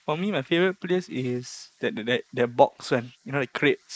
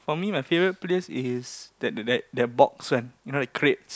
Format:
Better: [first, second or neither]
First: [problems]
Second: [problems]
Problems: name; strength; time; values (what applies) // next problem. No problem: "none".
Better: second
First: noise reduction (neural mask model Resemble Enhance denoiser)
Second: none